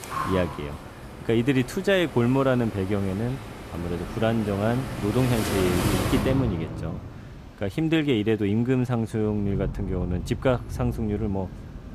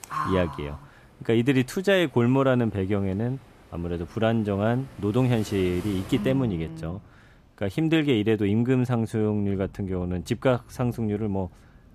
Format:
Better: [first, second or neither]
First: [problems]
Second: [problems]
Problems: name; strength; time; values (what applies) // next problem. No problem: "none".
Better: second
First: rain or running water; loud; throughout; 8 dB below the speech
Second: rain or running water; faint; throughout; 20 dB below the speech